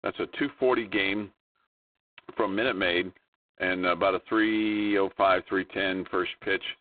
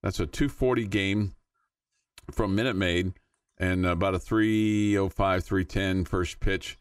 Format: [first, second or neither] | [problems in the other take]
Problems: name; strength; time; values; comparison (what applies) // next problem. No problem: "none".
second | phone-call audio; poor line; nothing above 3.5 kHz